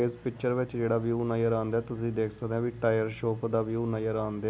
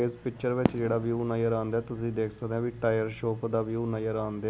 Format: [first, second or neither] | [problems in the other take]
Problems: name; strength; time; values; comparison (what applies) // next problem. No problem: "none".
first | background sound (Fireworks); 10 dB below the speech